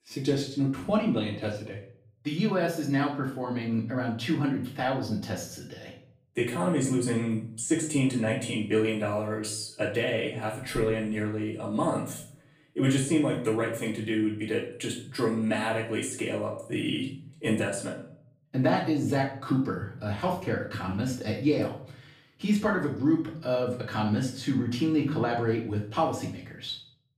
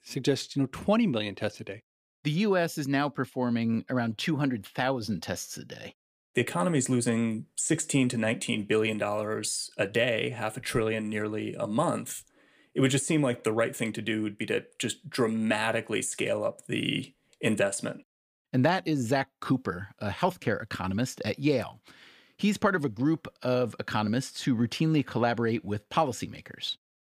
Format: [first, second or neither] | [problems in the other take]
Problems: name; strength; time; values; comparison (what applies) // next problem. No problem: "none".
second | room echo; slight; dies away in 0.5 s // off-mic speech; far